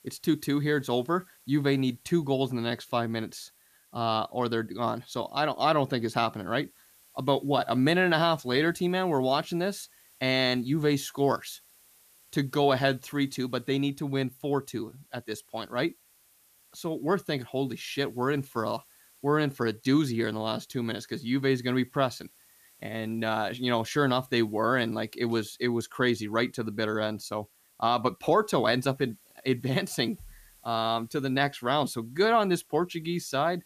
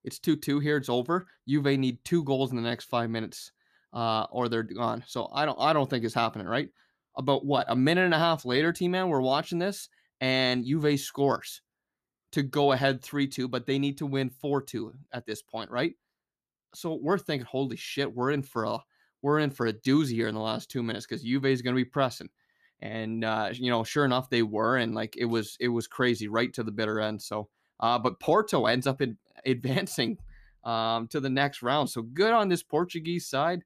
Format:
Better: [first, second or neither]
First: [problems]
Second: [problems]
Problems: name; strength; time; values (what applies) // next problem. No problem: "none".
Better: second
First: hiss; faint; throughout; 30 dB below the speech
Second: none